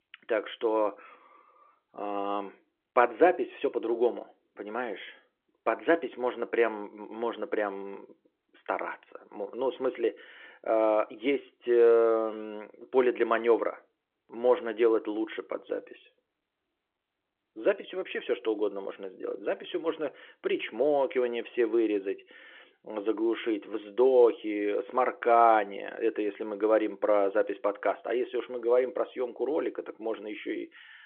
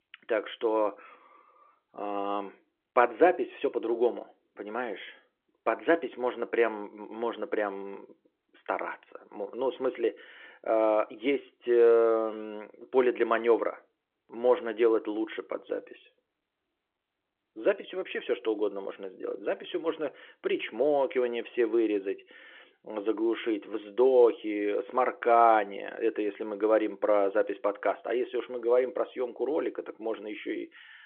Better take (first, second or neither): neither